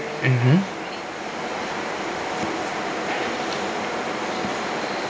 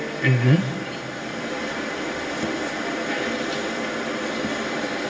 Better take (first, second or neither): first